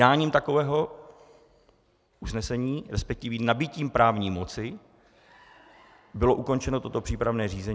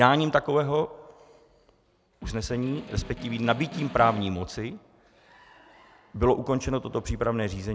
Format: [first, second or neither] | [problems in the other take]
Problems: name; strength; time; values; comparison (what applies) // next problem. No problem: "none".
first | background sound (Snare drum); 15 dB below the speech